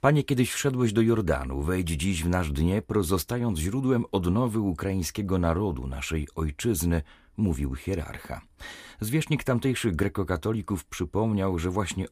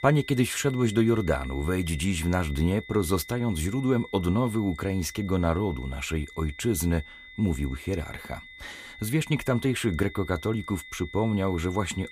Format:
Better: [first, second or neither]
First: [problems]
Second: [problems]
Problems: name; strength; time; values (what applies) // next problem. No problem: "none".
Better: first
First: none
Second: high-pitched whine; noticeable; throughout; 2 kHz, 15 dB below the speech